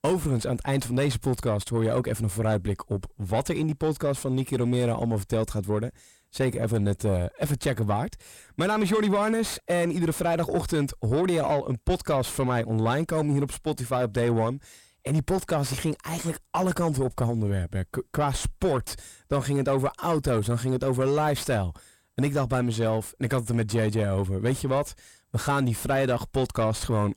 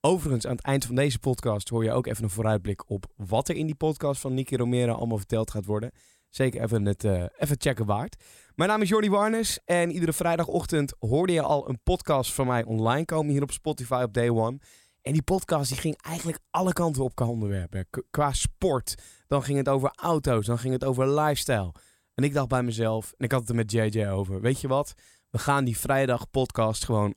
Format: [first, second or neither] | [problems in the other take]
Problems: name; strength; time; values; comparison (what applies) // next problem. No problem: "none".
second | distortion; slight; 10 dB below the speech